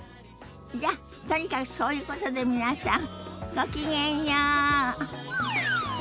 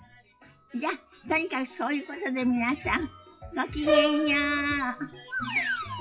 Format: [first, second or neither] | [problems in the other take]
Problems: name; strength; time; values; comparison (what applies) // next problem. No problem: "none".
first | noise reduction (classical method WPE with log-MMSE)